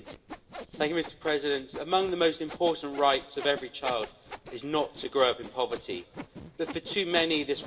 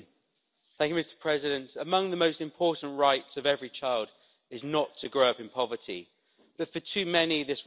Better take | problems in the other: second | background sound (Sawing); 14 dB below the speech // room echo; dies away in 0.3 s

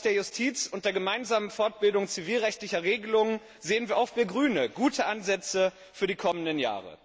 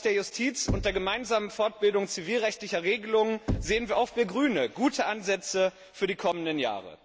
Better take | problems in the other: first | background sound (Knock / Wood); 10 dB below the speech

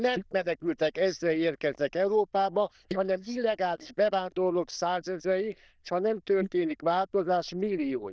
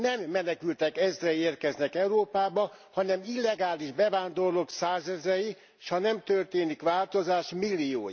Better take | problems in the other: second | noise reduction (neural diffusion model UNIVERSE++)

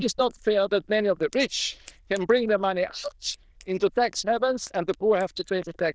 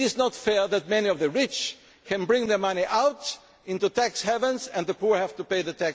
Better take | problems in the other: second | noise reduction (neural diffusion model UNIVERSE++)

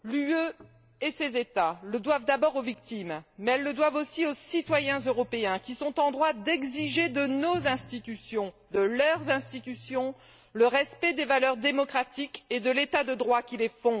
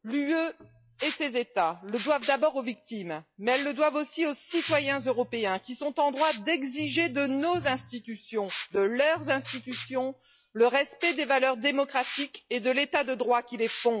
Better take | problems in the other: first | noise reduction (classical method log-MMSE)

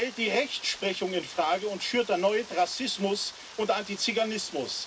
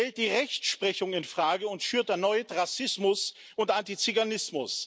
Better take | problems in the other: second | background sound (Rain); 17 dB below the speech // room echo; dies away in 0.4 s

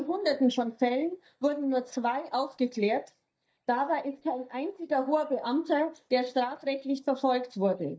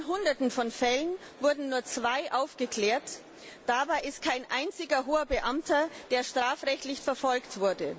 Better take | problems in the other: second | noise reduction (neural mask model DeepFilterNet 3)

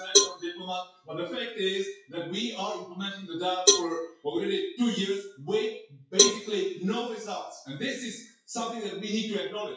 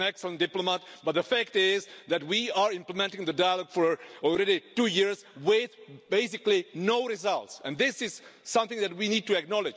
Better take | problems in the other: second | noise reduction (classical method WPE with log-MMSE)

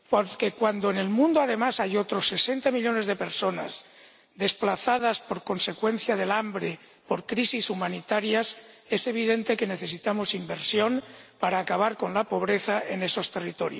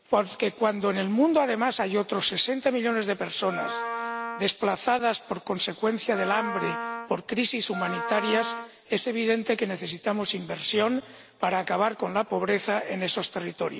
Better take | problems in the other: first | background sound (Wind instrument, woodwind instrument); 7 dB below the speech

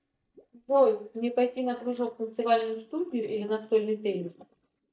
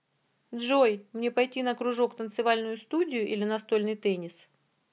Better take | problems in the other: second | noise reduction (neural mask model DeepFilterNet 3)

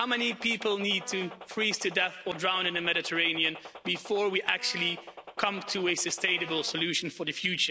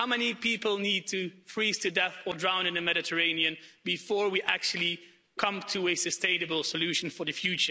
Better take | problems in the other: second | background sound (Gunshot, gunfire + Brass instrument); 16 dB below the speech

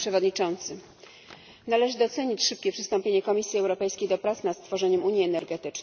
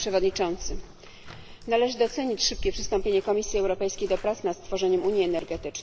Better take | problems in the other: first | background sound (Bathtub (filling or washing)); 10 dB below the speech

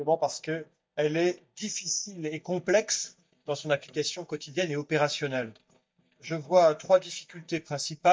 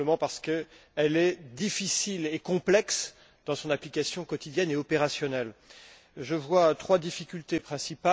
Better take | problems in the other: second | noise reduction (neural mask model DeepFilterNet 3)

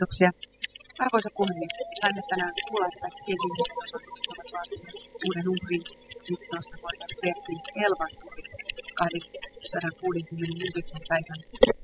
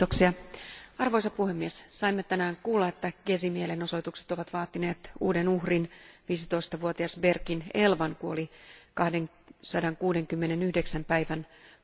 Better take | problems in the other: second | noise reduction (classical method spectral subtraction)

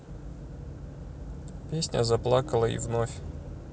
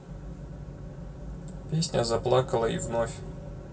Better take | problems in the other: first | room echo; dies away in 0.2 s

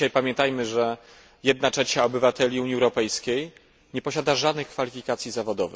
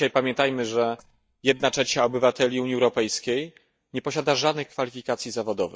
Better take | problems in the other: first | noise reduction (neural mask model DeepFilterNet 3)

